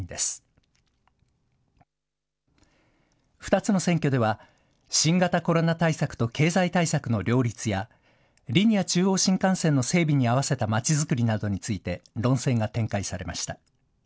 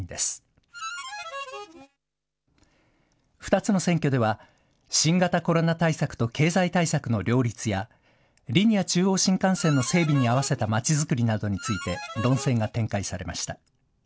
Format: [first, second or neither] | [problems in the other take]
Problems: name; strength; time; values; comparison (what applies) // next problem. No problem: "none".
first | background sound (Harmonica); 12 dB below the speech